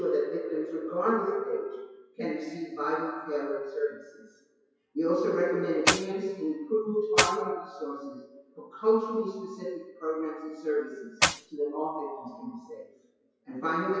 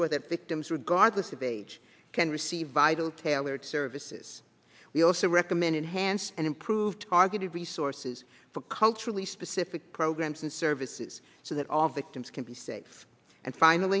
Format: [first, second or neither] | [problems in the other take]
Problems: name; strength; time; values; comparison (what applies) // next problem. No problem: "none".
second | noise reduction (classical method WPE with log-MMSE)